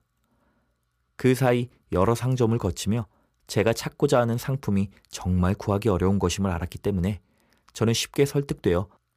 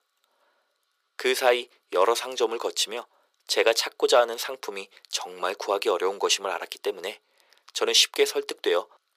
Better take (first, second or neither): first